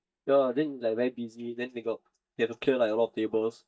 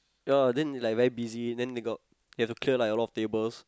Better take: second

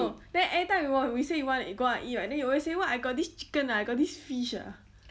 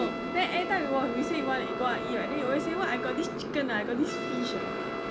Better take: first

